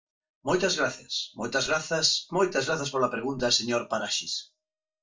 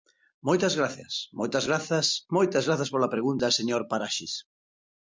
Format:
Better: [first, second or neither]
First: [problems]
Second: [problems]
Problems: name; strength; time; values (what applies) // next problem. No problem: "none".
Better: second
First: noise reduction (neural mask model DeepFilterNet 3)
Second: none